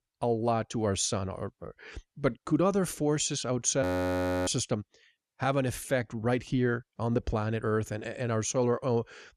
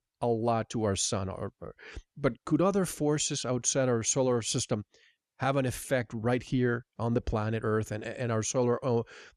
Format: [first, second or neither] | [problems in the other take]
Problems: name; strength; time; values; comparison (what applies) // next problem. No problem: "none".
second | audio freezing; at 4 s for 0.5 s